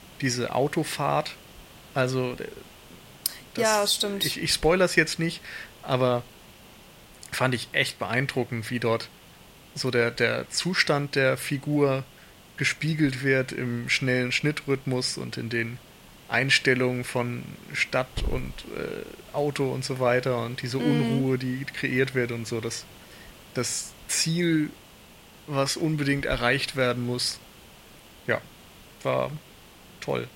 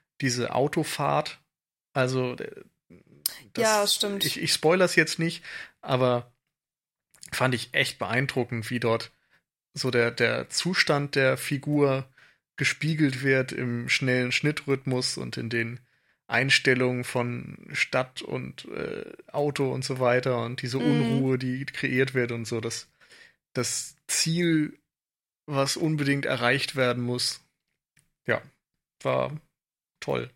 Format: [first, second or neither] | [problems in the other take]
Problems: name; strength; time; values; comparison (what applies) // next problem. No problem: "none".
second | hiss; faint; throughout; 20 dB below the speech